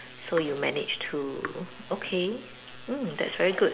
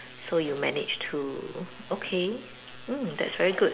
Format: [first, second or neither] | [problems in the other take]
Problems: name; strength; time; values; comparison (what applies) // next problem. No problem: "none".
second | background sound (Raindrop / Drip); 14 dB below the speech